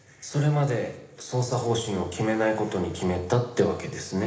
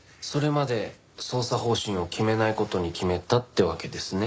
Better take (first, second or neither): second